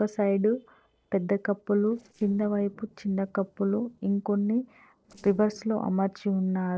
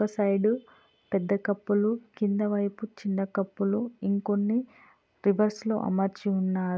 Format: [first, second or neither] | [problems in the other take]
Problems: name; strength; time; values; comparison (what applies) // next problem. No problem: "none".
second | noise reduction (neural separator model SepFormer DNS4)